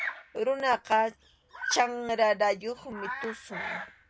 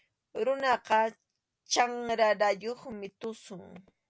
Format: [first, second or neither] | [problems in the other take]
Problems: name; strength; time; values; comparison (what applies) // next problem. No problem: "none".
second | background sound (Bird vocalization, bird call, bird song); 11 dB below the speech